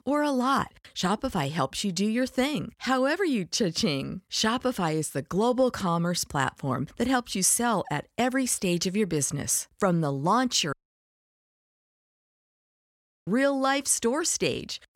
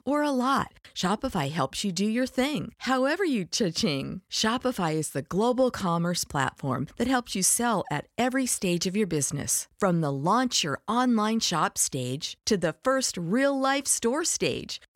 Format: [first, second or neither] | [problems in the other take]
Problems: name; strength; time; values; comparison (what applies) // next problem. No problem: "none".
second | audio cutting out; at 11 s for 2.5 s